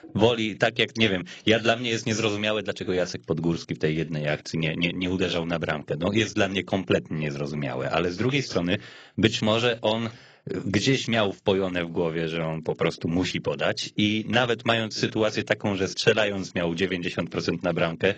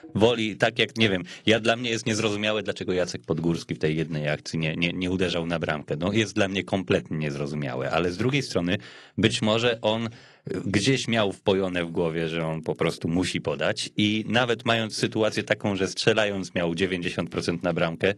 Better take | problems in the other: second | garbled, watery; badly; nothing above 7.5 kHz; slightly in the second

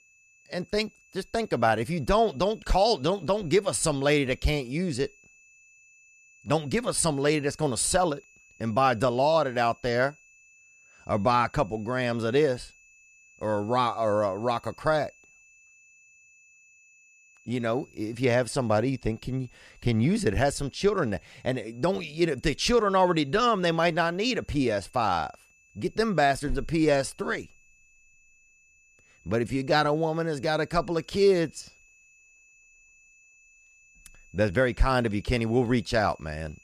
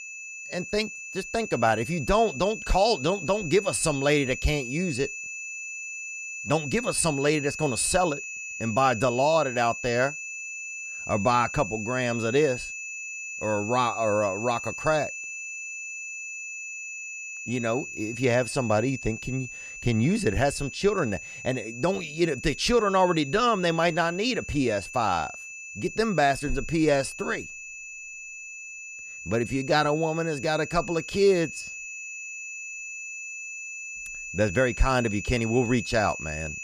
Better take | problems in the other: first | high-pitched whine; loud; throughout; 2.5 kHz, 9 dB below the speech; faint in the first

